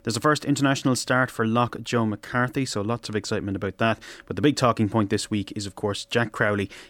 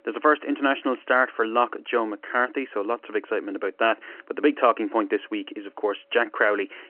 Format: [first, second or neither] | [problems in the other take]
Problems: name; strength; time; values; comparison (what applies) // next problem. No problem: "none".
first | phone-call audio